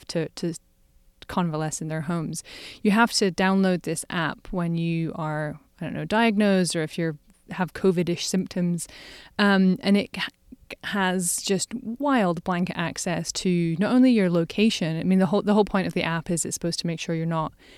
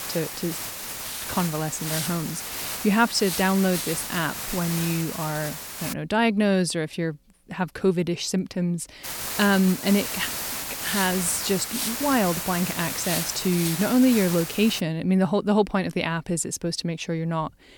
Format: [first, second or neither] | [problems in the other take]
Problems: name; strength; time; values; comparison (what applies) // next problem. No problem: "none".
first | hiss; loud; until 6 s and from 9 to 15 s; 5 dB below the speech